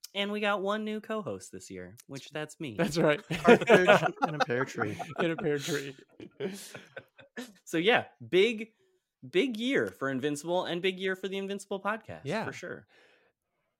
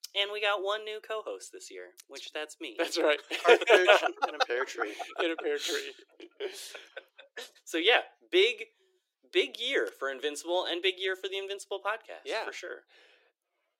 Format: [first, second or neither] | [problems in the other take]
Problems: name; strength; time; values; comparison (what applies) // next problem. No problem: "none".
first | thin; very; fading below 350 Hz